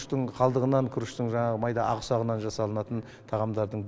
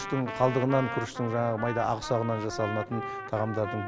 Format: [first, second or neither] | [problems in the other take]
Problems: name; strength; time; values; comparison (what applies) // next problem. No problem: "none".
first | background sound (Trumpet); 8 dB below the speech